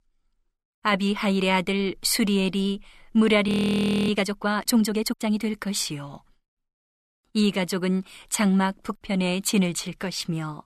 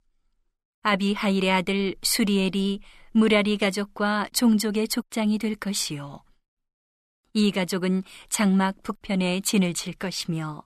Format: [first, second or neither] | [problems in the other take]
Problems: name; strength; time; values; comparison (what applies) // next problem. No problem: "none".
second | audio freezing; at 3.5 s for 0.5 s